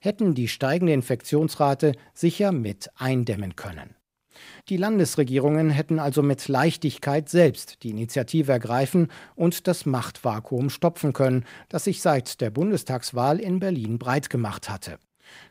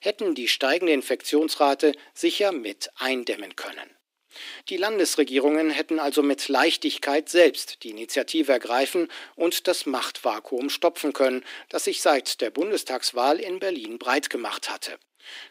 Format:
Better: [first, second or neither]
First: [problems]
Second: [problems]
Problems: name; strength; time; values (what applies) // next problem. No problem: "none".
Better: first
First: none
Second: thin; somewhat; fading below 300 Hz